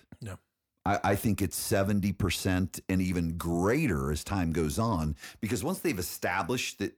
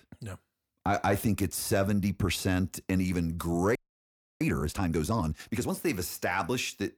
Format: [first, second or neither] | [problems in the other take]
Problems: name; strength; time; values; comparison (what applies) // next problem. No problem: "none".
first | audio freezing; at 4 s for 0.5 s